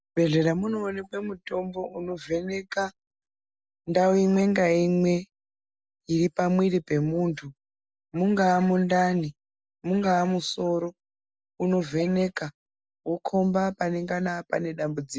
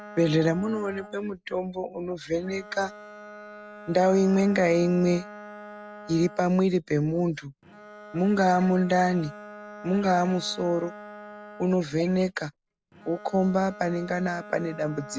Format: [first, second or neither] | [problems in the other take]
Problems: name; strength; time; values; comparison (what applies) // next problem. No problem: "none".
first | background sound (Bowed string instrument); 18 dB below the speech